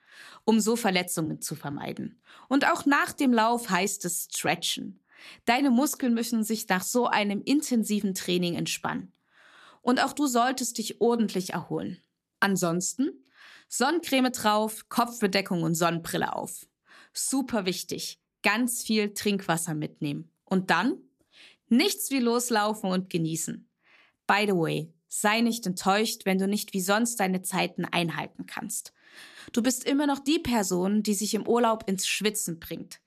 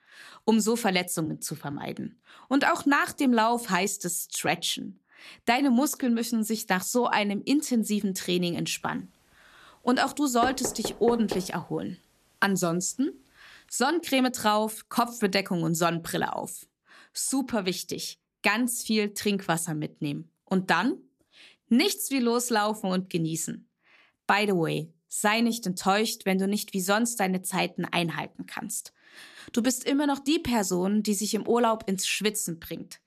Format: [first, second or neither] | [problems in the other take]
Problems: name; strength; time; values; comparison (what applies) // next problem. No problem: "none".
first | door banging; noticeable; at 10 s; peak 7 dB below the speech